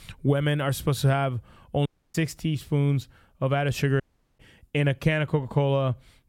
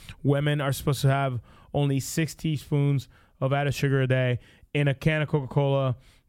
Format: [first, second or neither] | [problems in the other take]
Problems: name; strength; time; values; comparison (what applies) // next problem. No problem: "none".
second | audio cutting out; at 2 s and at 4 s